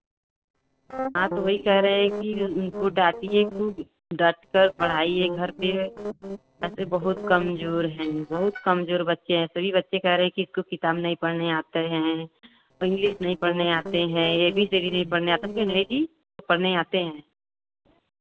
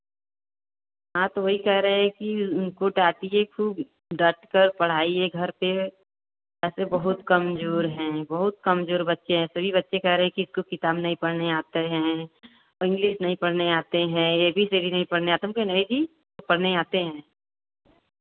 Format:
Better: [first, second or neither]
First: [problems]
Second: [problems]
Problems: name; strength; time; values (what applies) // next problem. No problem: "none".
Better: second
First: noise reduction (neural separator model SepFormer DNS4)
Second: none